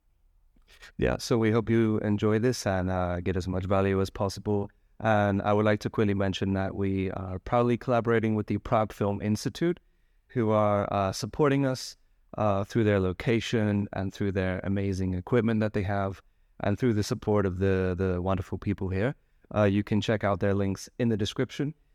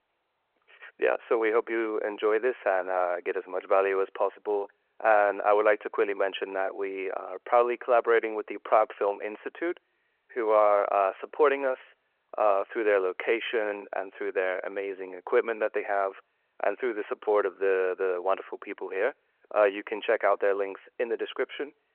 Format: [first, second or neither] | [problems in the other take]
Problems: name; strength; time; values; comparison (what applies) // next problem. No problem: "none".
first | phone-call audio